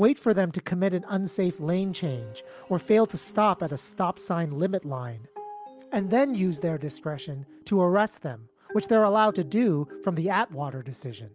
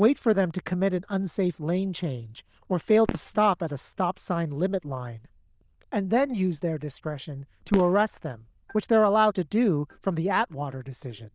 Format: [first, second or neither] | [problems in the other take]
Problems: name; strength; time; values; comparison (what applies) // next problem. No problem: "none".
first | noise reduction (neural diffusion model UNIVERSE++)